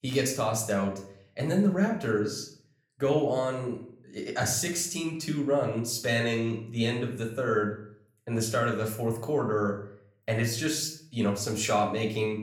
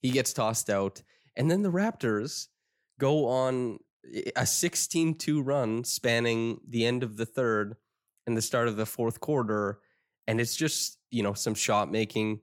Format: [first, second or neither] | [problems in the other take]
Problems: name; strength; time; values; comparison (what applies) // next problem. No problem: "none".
second | room echo; slight; dies away in 0.5 s // off-mic speech; somewhat distant